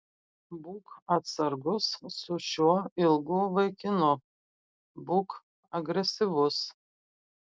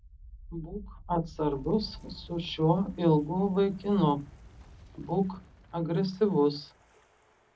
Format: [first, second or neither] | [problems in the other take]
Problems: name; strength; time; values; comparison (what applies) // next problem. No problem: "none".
first | background sound (Wind); 19 dB below the speech // room echo; dies away in 0.4 s